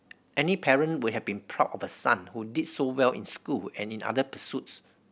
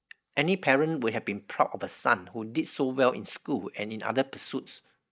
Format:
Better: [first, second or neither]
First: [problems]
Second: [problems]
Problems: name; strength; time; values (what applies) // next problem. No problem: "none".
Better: first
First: none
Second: noise reduction (neural mask model Resemble Enhance denoiser)